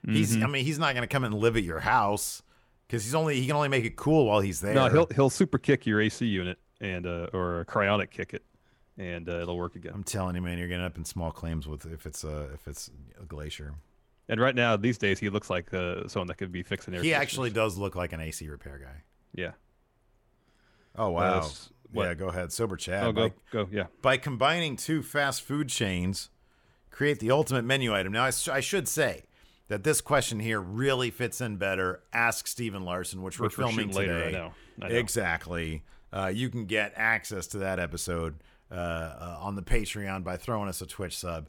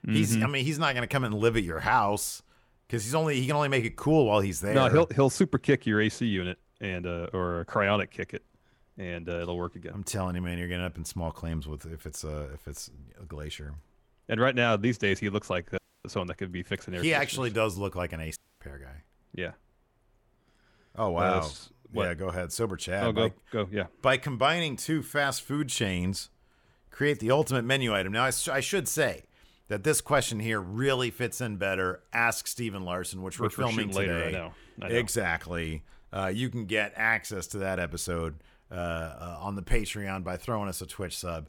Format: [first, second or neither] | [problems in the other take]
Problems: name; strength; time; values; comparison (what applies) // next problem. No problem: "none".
first | audio cutting out; at 16 s and at 18 s